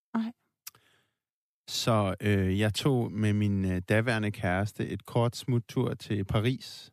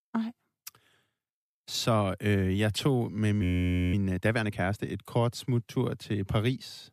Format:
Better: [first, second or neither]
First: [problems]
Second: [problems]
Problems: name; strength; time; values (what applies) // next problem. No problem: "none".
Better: first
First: none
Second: audio freezing; at 3.5 s for 0.5 s